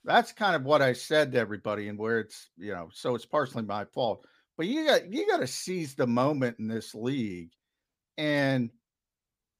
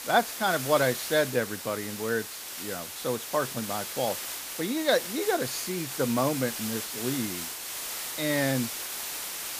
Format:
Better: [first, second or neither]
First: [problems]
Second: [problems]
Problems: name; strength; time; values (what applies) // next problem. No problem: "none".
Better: first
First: none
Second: hiss; loud; throughout; 5 dB below the speech